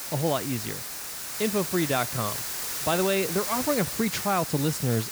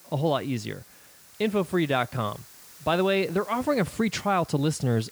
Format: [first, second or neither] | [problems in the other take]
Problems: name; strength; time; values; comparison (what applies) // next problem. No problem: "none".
second | hiss; loud; throughout; 3 dB below the speech; faint in the second